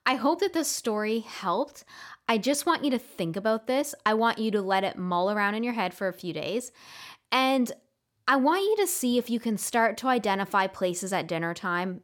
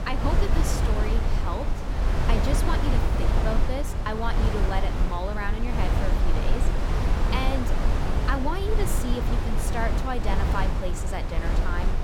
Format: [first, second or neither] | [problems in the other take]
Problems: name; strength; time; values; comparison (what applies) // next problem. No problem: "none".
first | wind noise on the microphone; heavy; 1 dB below the speech